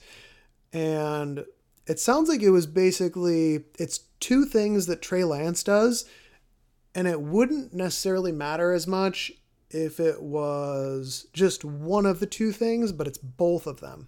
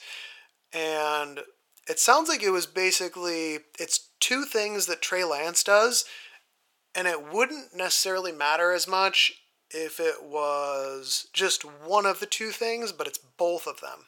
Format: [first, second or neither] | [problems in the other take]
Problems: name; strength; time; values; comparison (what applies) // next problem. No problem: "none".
first | thin; very; fading below 900 Hz